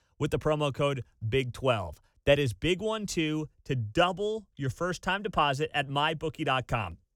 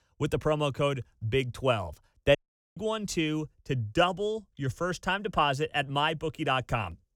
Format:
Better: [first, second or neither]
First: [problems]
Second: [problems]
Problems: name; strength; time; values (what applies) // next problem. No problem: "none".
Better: first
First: none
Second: audio cutting out; at 2.5 s